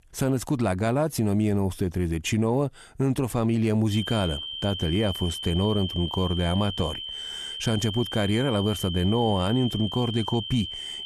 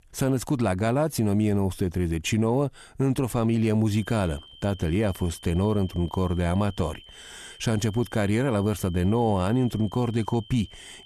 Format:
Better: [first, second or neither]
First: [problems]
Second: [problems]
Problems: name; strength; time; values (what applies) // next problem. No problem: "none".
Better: second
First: high-pitched whine; loud; from 4 s on; 3 kHz, 7 dB below the speech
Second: high-pitched whine; faint; from 4 s on; 3 kHz, 20 dB below the speech